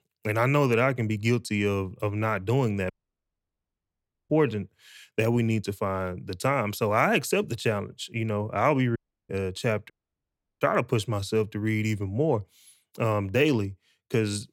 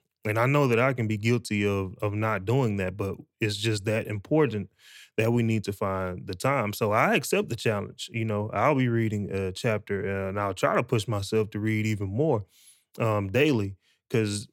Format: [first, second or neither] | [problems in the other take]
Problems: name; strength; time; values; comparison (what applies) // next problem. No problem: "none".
second | audio cutting out; at 3 s for 1.5 s, at 9 s and at 10 s for 0.5 s